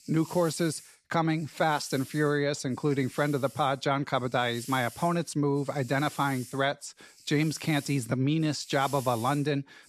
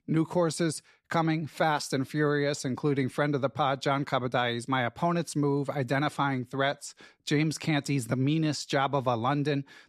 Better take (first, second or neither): second